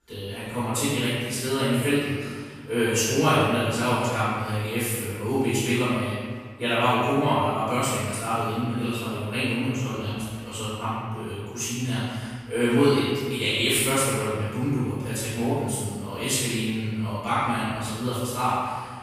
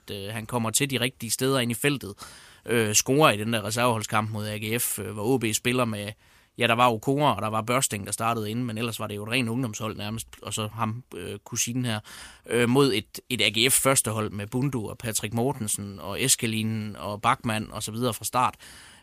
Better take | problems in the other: second | off-mic speech; far // room echo; strong; dies away in 1.6 s

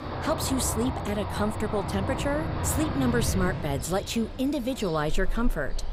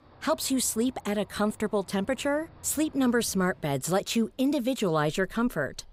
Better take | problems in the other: second | rain or running water; loud; throughout; 4 dB below the speech; faint in the second

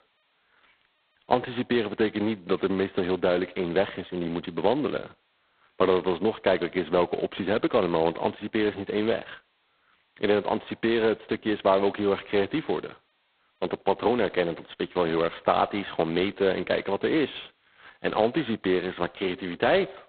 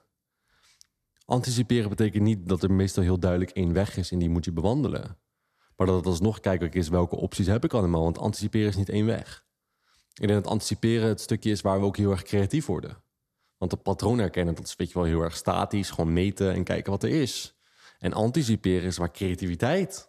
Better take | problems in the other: second | phone-call audio; poor line; nothing above 4 kHz

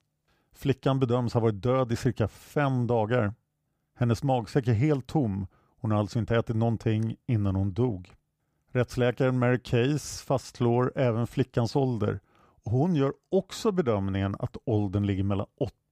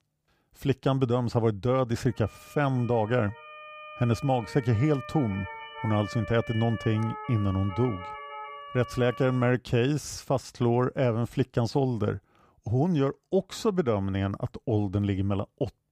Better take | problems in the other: first | siren; faint; from 2 to 9.5 s; peak 10 dB below the speech

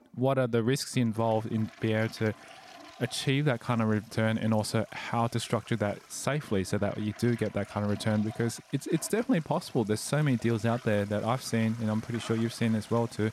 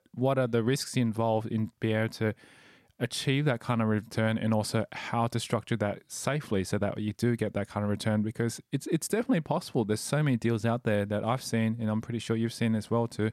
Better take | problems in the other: second | household noises; faint; throughout; 20 dB below the speech

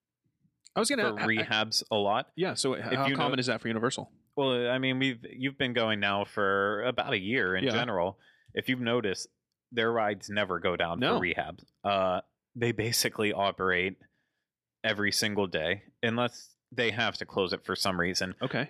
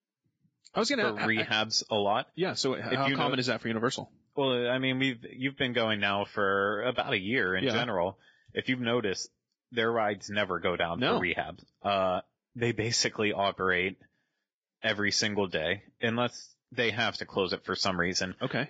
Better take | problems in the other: first | garbled, watery; badly; nothing above 7.5 kHz

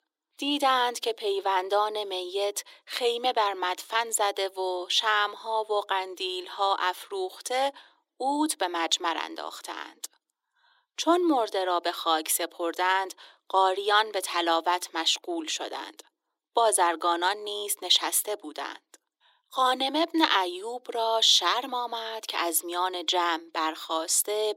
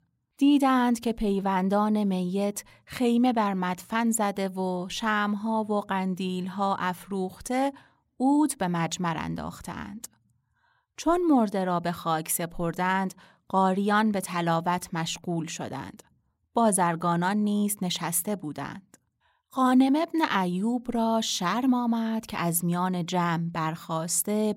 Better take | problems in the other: second | thin; very; fading below 300 Hz

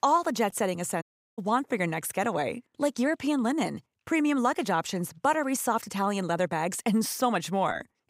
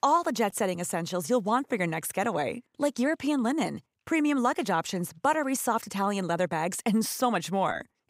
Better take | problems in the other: second | audio cutting out; at 1 s

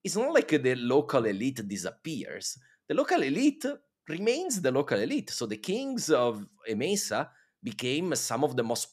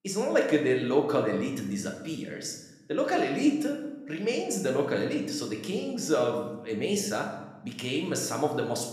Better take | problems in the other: first | room echo; noticeable; dies away in 0.9 s // off-mic speech; somewhat distant

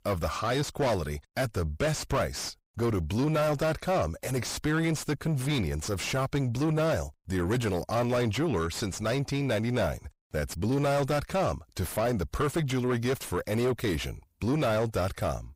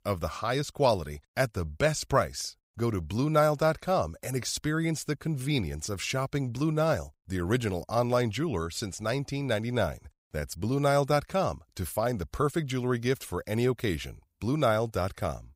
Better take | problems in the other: second | distortion; heavy; 5 dB below the speech

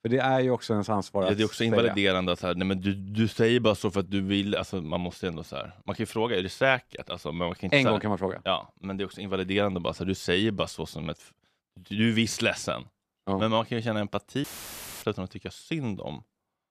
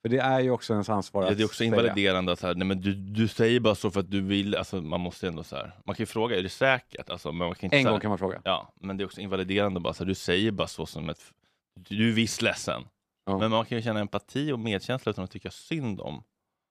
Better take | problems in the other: second | audio cutting out; filled with static; at 14 s for 0.5 s

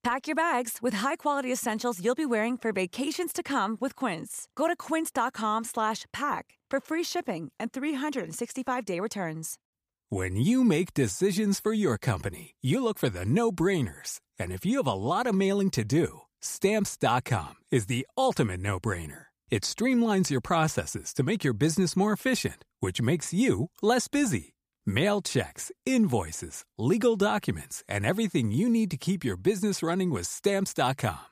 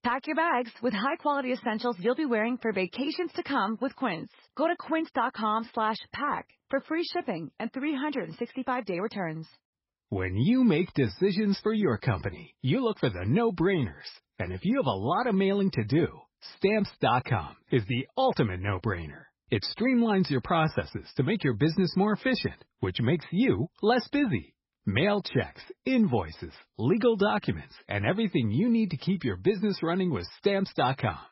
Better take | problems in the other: first | garbled, watery; badly; nothing above 5.5 kHz

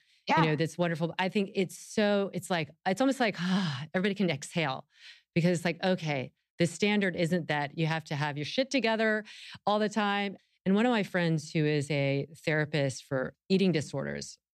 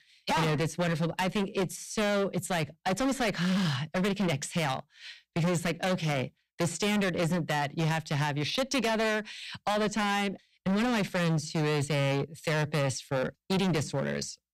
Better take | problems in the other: first | distortion; heavy; 21% of the sound clipped

